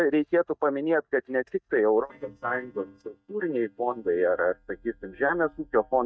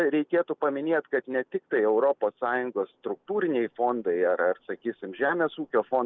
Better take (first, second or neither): second